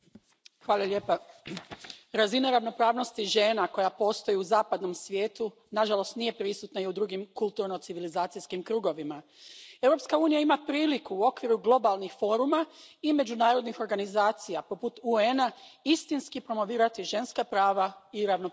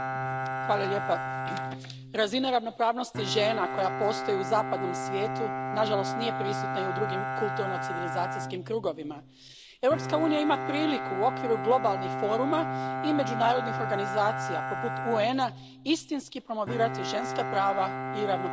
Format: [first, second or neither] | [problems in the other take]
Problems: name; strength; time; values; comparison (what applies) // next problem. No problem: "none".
first | background sound (Bowed string instrument); 3 dB below the speech